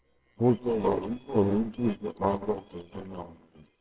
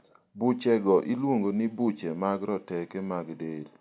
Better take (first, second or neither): second